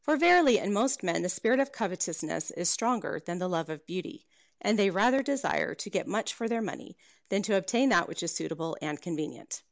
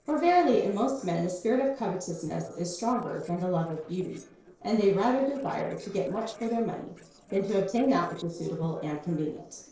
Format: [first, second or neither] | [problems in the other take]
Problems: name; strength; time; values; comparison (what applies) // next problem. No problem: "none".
first | noise reduction (neural separator model SepFormer DNS4)